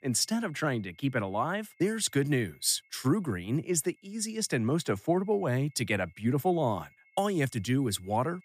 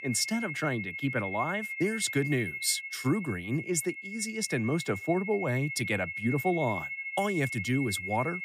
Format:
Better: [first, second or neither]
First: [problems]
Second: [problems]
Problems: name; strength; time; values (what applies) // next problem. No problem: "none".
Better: first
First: high-pitched whine; faint; throughout; 2 kHz, 35 dB below the speech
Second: high-pitched whine; loud; throughout; 2 kHz, 5 dB below the speech